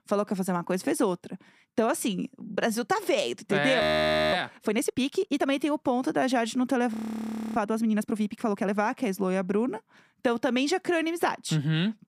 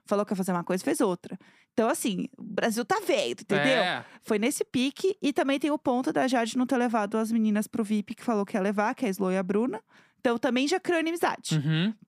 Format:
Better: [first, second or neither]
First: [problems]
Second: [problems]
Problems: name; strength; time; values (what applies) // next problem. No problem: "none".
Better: second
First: audio freezing; at 4 s for 0.5 s and at 7 s for 0.5 s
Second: none